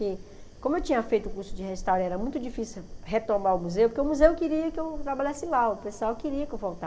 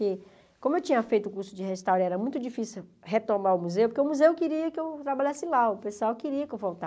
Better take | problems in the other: second | background sound (Fire); 10 dB below the speech // room echo; dies away in 1.2 s

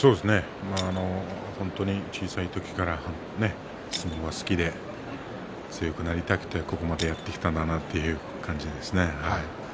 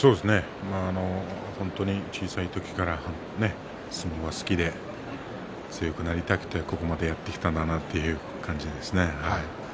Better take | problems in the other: second | background sound (Shatter); 19 dB below the speech

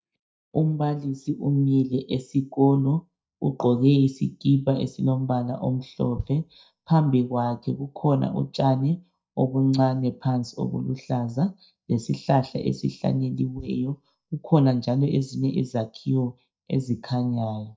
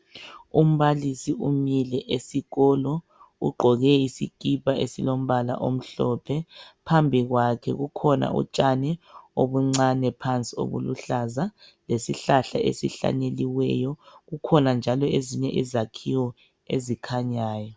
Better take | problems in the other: second | noise reduction (neural mask model DeepFilterNet 3)

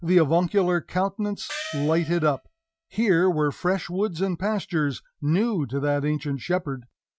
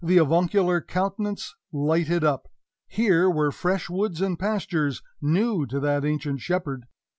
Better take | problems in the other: second | noise reduction (neural mask model RNNoise)

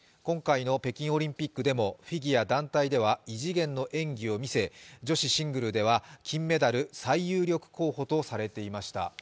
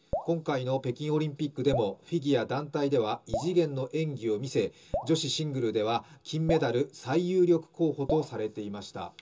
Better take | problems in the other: first | background sound (Drip); 12 dB below the speech // room echo; dies away in 0.2 s

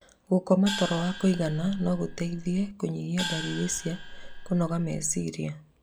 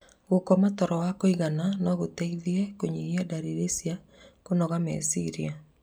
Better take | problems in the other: second | background sound (Gong); 9 dB below the speech

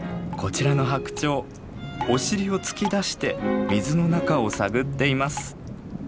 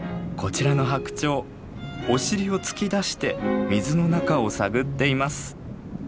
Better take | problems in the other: second | background sound (Drip); 17 dB below the speech

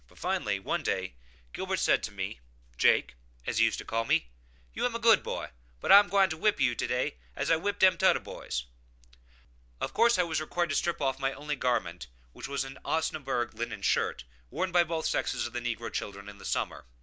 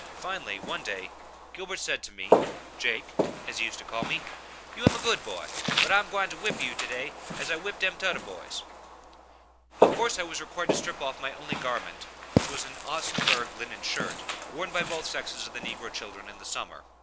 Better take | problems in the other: first | background sound (Walk, footsteps); 1 dB above the speech

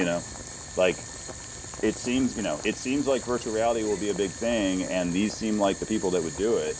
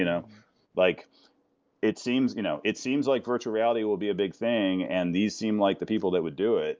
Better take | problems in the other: second | background sound (Boiling); 11 dB below the speech

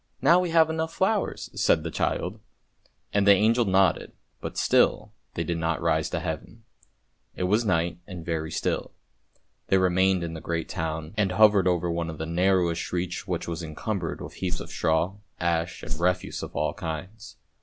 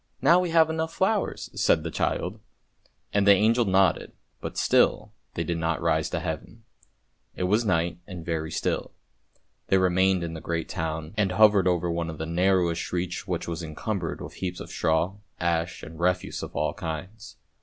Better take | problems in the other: second | background sound (Whoosh, swoosh, swish); 4 dB above the speech

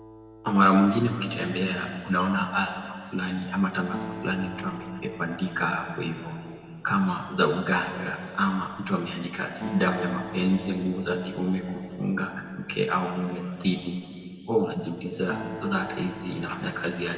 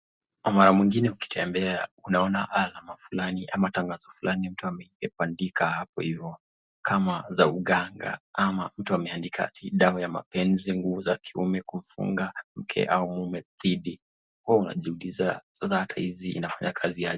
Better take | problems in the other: second | background sound (Acoustic guitar); 16 dB below the speech // room echo; dies away in 2.3 s

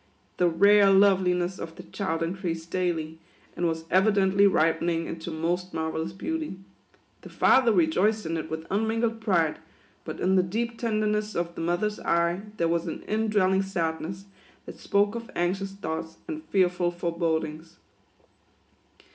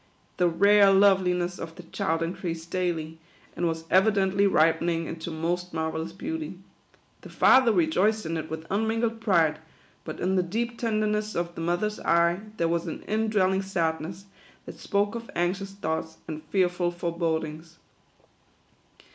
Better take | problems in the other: second | room echo; dies away in 0.3 s

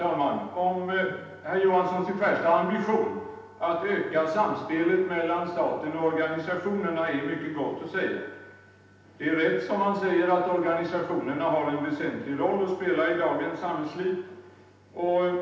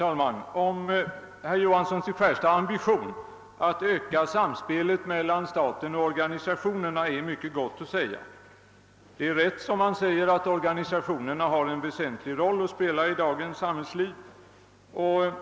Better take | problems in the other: second | room echo; dies away in 0.8 s

